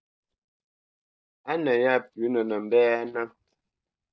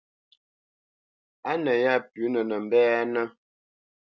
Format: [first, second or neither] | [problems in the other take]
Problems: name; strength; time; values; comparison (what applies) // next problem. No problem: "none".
second | noise reduction (neural mask model DeepFilterNet 3)